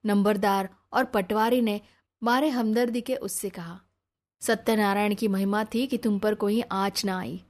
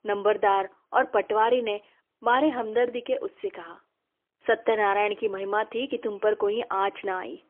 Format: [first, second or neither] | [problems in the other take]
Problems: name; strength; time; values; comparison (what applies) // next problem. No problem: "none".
first | phone-call audio; poor line; nothing above 3.5 kHz